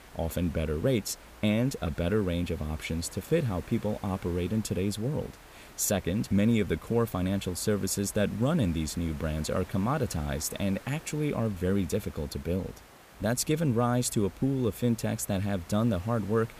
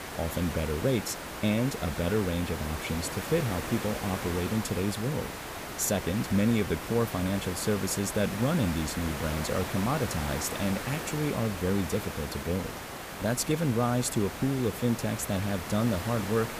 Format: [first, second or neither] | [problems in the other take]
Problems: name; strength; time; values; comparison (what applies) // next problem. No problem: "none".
first | hiss; loud; throughout; 7 dB below the speech; faint in the first